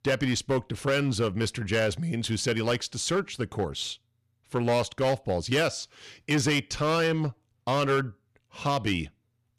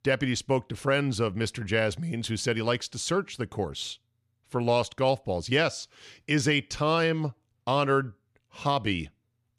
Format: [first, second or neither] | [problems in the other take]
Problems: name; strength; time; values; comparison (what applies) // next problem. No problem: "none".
second | distortion; slight; 7% of the sound clipped